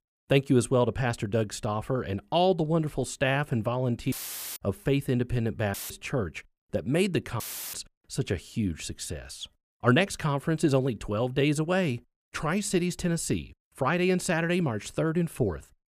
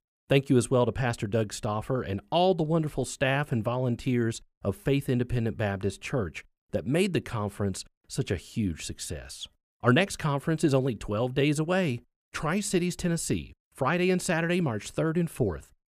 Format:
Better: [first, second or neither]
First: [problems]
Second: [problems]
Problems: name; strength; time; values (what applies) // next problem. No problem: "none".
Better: second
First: audio cutting out; filled with static; at 4 s, at 5.5 s and at 7.5 s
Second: none